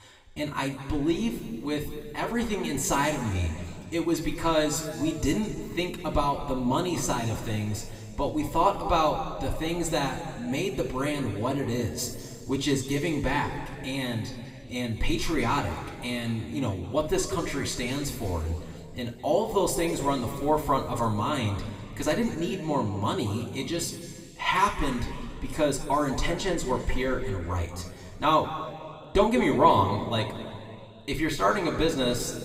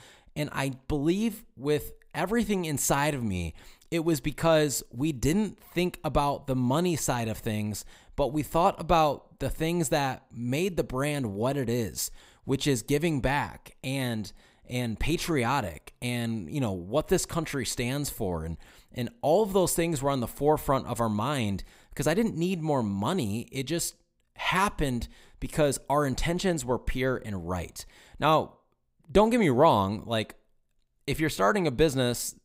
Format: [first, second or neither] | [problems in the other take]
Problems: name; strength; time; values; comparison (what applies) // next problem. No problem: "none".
second | room echo; noticeable; dies away in 2.2 s // off-mic speech; somewhat distant